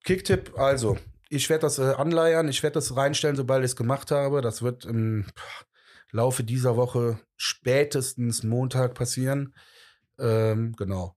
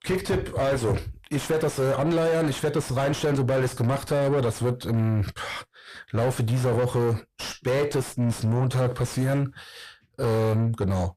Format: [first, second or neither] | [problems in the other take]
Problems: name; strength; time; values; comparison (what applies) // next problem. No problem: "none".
first | distortion; heavy; 6 dB below the speech